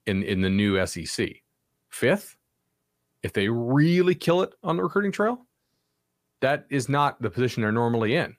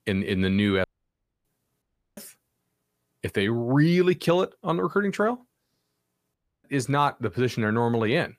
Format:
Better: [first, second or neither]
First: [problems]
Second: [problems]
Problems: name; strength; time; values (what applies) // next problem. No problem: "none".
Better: first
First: none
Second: audio cutting out; at 1 s for 0.5 s, at 2 s and at 6.5 s